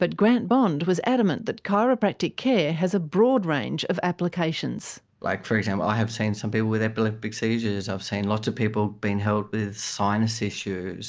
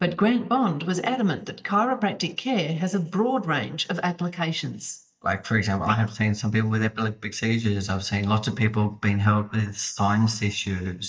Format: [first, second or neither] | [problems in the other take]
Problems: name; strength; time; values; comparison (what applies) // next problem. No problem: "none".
first | noise reduction (neural mask model DeepFilterNet 3)